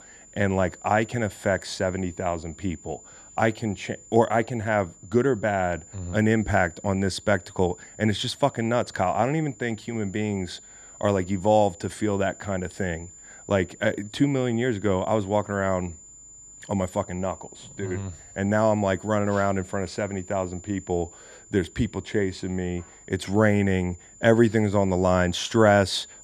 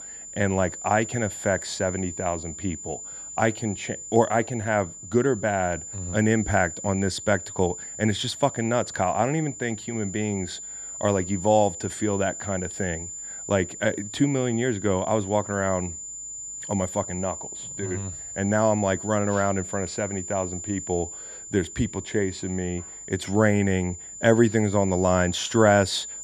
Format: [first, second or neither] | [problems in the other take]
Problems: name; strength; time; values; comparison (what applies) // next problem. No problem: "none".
first | high-pitched whine; loud; throughout; 7 kHz, 9 dB below the speech; faint in the first